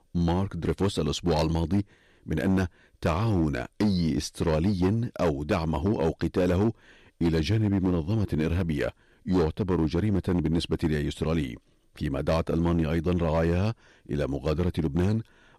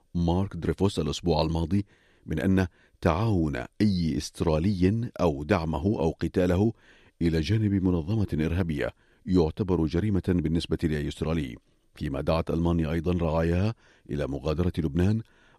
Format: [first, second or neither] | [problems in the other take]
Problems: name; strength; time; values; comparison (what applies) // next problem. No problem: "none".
second | distortion; slight; 11% of the sound clipped